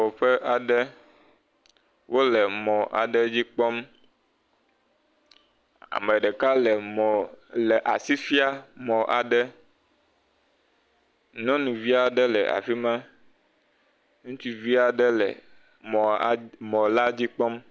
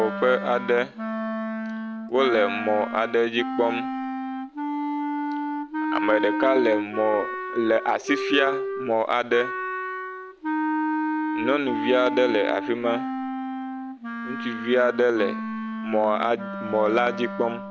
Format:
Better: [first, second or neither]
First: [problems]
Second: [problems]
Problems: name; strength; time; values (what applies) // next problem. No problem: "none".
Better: first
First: none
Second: background sound (Wind instrument, woodwind instrument); 4 dB below the speech